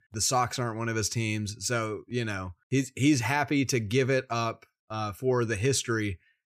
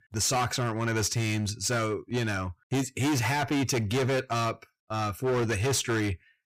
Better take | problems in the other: first | distortion; heavy; 20% of the sound clipped

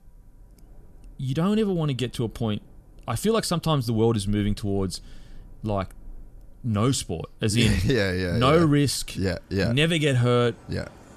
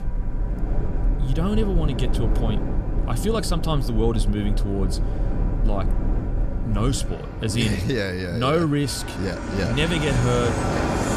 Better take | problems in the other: first | train or aircraft noise; loud; throughout; 2 dB below the speech; faint in the first

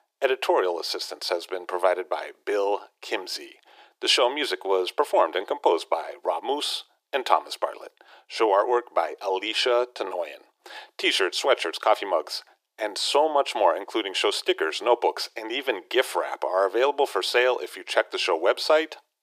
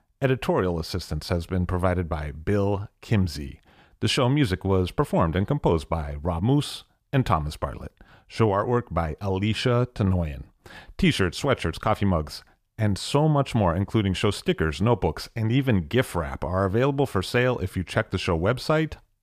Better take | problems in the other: second | thin; very; fading below 350 Hz

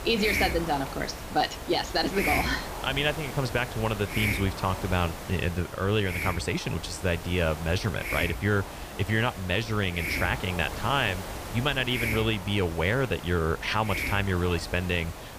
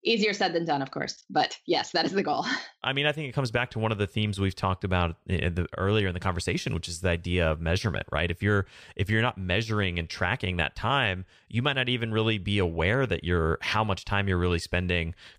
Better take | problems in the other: second | hiss; loud; throughout; 6 dB below the speech

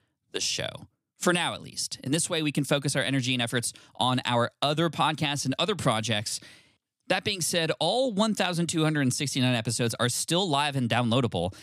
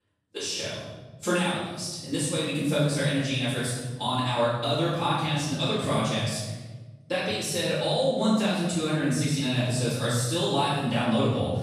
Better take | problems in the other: first | off-mic speech; far // room echo; strong; dies away in 1.2 s

